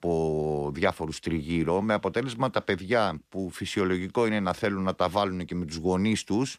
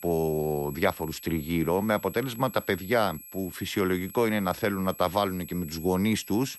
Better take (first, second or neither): first